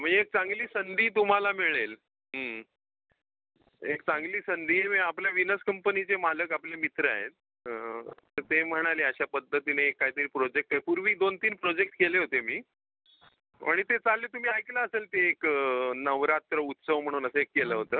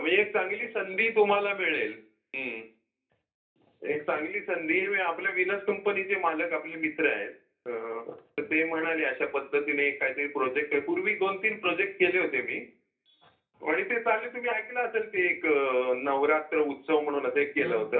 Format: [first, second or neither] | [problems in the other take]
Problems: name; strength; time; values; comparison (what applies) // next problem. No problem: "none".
first | room echo; dies away in 0.3 s